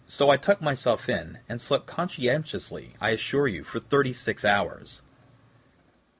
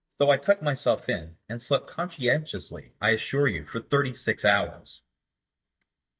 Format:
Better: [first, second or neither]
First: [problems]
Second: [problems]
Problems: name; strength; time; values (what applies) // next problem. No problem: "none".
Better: first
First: none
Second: noise reduction (neural mask model DeepFilterNet 3)